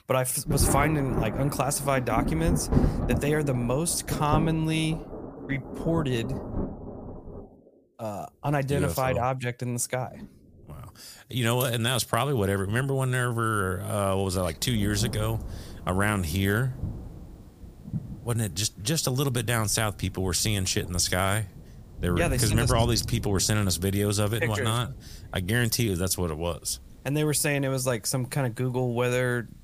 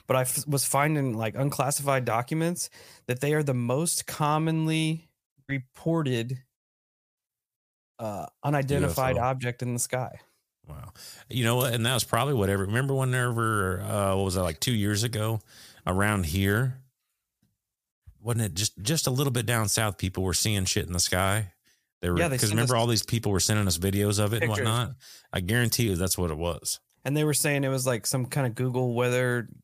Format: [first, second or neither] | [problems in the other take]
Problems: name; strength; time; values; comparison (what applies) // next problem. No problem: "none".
second | rain or running water; loud; throughout; 7 dB below the speech